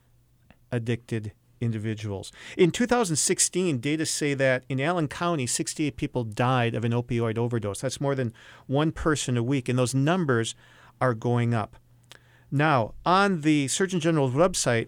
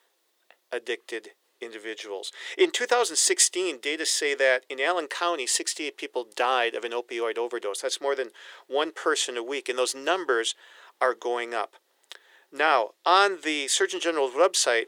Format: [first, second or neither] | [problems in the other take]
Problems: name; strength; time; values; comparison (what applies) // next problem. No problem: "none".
first | thin; very; fading below 400 Hz